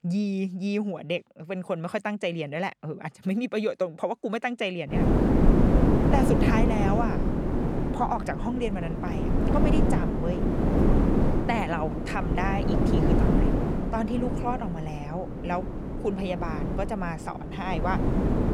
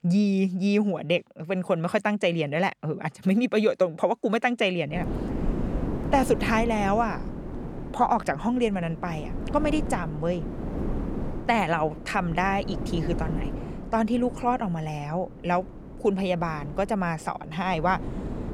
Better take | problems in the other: second | wind noise on the microphone; heavy; from 5 s on; as loud as the speech; occasional gusts in the second

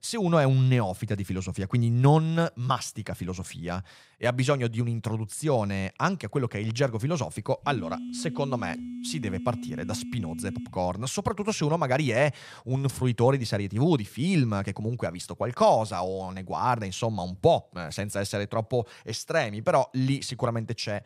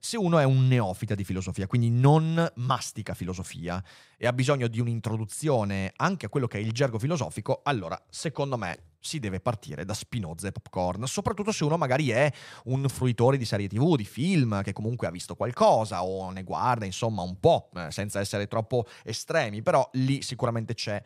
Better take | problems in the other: second | phone ringing; noticeable; from 7.5 to 11 s; peak 9 dB below the speech

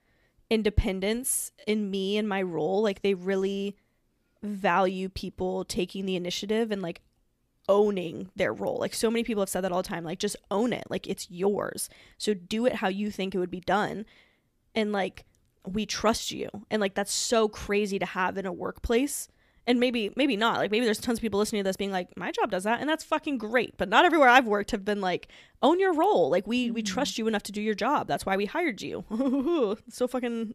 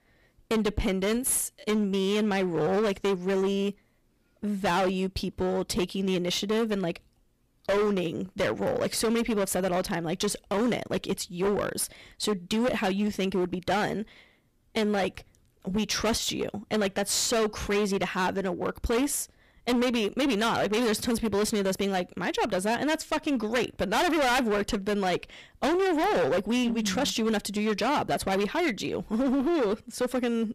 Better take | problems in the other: first | distortion; heavy; 19% of the sound clipped

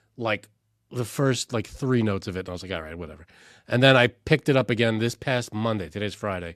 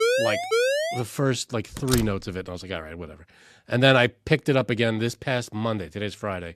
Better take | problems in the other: first | siren; loud; until 1 s; peak 3 dB above the speech // door banging; noticeable; at 2 s; peak 4 dB below the speech

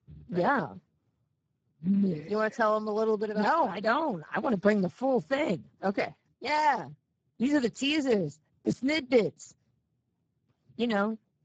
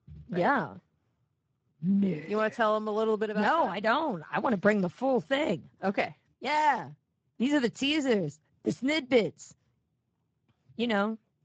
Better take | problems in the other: second | garbled, watery; badly; nothing above 7.5 kHz; slightly in the second

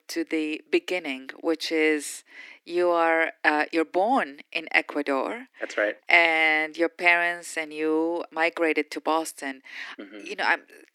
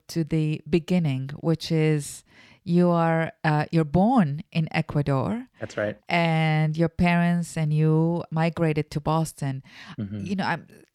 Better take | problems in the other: second | thin; very; fading below 300 Hz

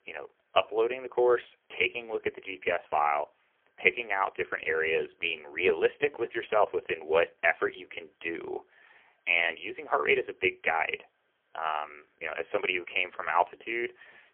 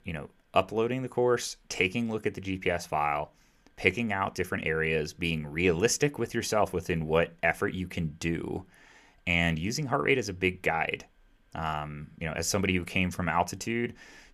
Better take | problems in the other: second | phone-call audio; poor line; nothing above 3 kHz

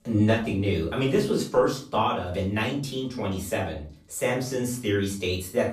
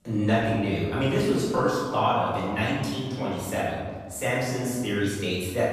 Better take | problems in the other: first | room echo; strong; dies away in 1.4 s; slight in the first // off-mic speech; far; far in the first

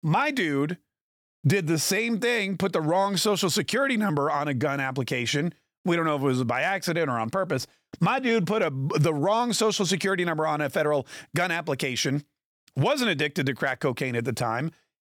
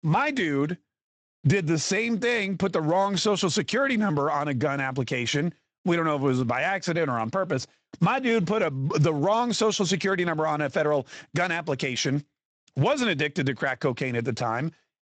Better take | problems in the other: first | garbled, watery; slightly; nothing above 7.5 kHz

